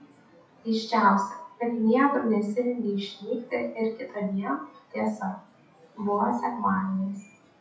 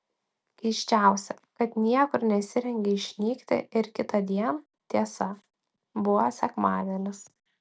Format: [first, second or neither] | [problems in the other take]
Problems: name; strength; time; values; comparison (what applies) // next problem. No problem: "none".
second | noise reduction (classical method WPE with log-MMSE)